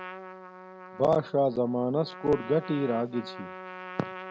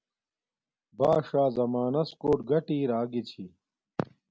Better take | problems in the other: second | background sound (Trumpet); 13 dB below the speech

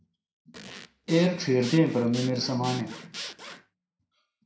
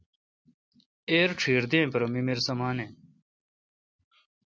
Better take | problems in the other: second | background sound (Zipper (clothing) / Sawing); 14 dB below the speech // room echo; dies away in 0.5 s

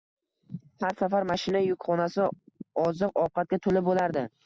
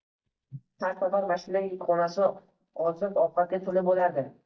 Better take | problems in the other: first | noise reduction (neural mask model DeepFilterNet 3)

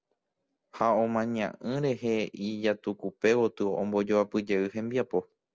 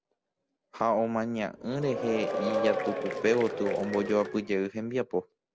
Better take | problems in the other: first | background sound (Applause / Crowd / Cheering); 3 dB below the speech

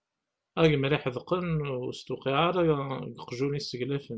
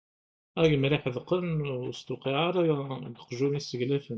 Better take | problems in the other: first | noise reduction (neural mask model DeepFilterNet 3)

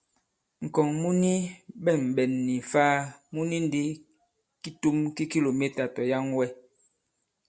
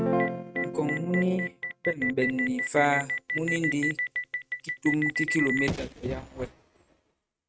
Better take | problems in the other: first | noise reduction (neural mask model RNNoise)

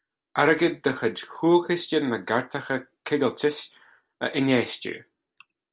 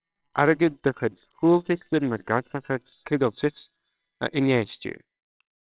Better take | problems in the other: first | noise reduction (neural separator model SepFormer WHAMR!)

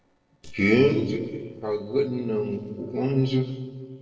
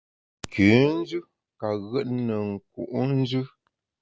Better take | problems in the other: second | noise reduction (neural separator model SepFormer DNS4)

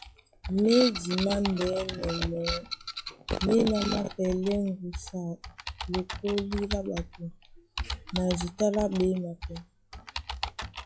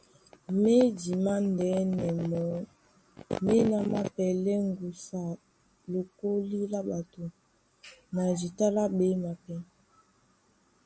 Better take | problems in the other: second | noise reduction (classical method log-MMSE)

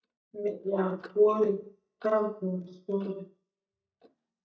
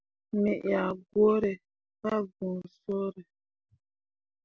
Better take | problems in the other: second | noise reduction (neural mask model DeepFilterNet 3)

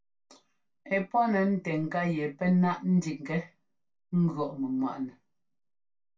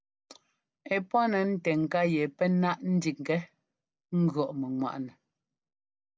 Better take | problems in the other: second | room echo; dies away in 0.2 s

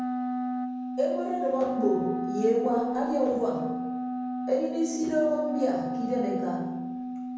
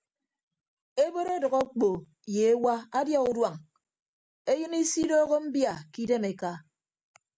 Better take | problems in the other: second | background sound (Wind instrument, woodwind instrument); 3 dB below the speech // room echo; dies away in 1.1 s

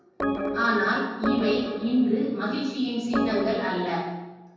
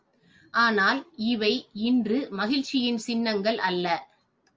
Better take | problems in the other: second | background sound (Organ); 3 dB below the speech // room echo; dies away in 1.1 s

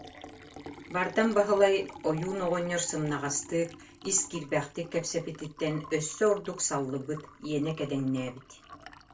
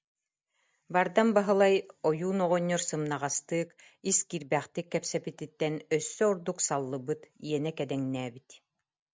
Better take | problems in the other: second | background sound (Liquid); 18 dB below the speech // room echo; dies away in 0.2 s

